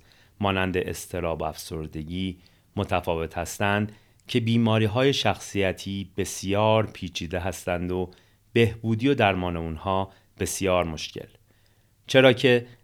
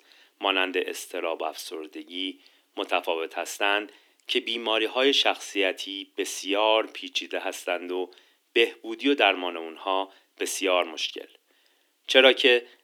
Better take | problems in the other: first | thin; somewhat; fading below 300 Hz

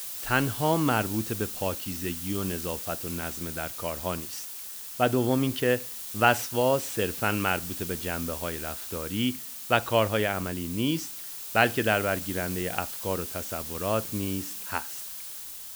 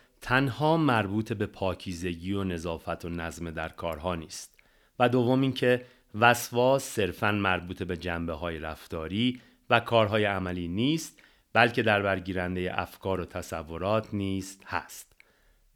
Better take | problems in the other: second | hiss; loud; throughout; 6 dB below the speech

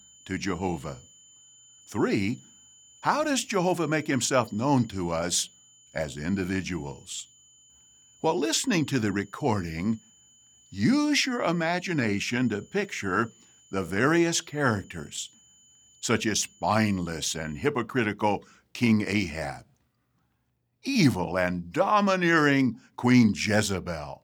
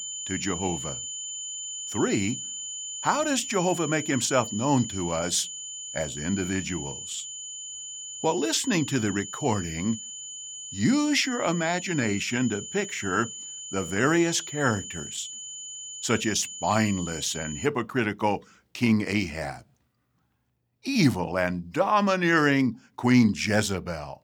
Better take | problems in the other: first | high-pitched whine; loud; until 18 s; 7 kHz, 8 dB below the speech; faint in the first

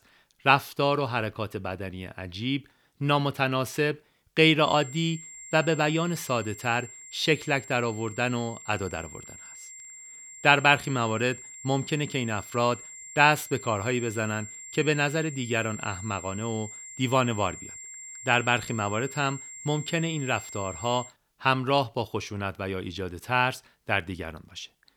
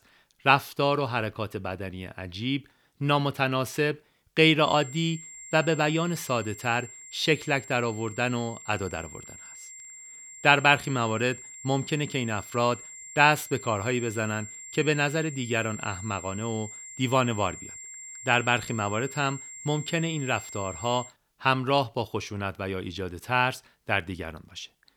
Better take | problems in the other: neither | high-pitched whine; noticeable; from 4.5 to 21 s; 7.5 kHz, 15 dB below the speech; the same in both

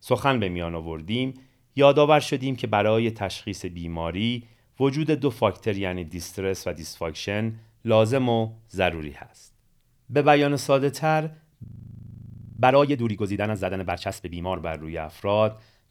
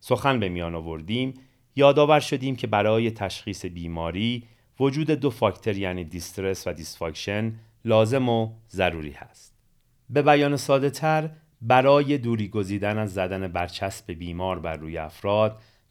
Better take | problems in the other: second | audio freezing; at 12 s for 1 s

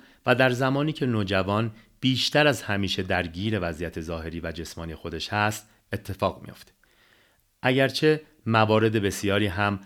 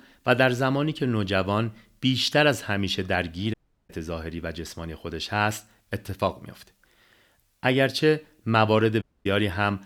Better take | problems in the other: first | audio cutting out; at 3.5 s and at 9 s

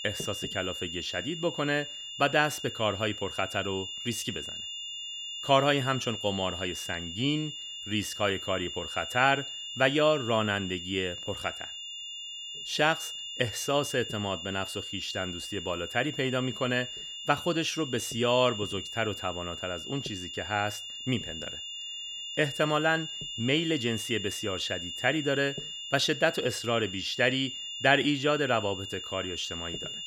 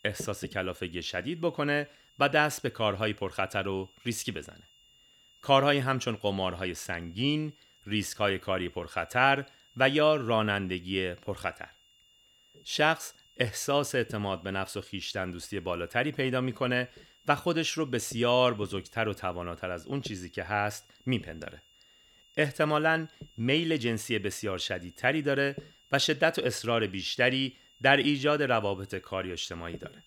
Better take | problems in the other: second | high-pitched whine; loud; throughout; 3 kHz, 7 dB below the speech; faint in the second

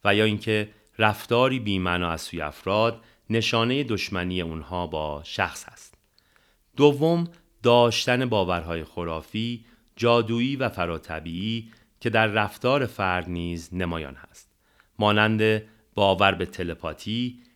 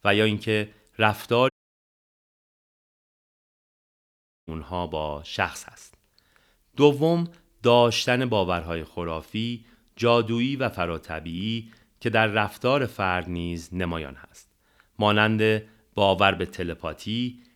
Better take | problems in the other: first | audio cutting out; at 1.5 s for 3 s

